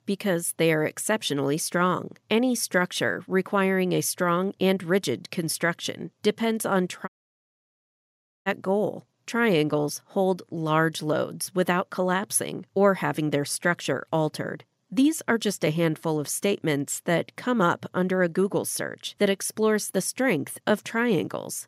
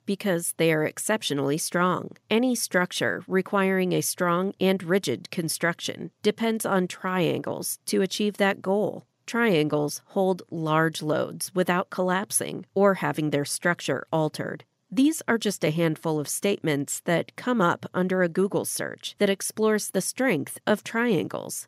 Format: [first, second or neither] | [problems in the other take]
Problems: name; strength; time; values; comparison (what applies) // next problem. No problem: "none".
second | audio cutting out; at 7 s for 1.5 s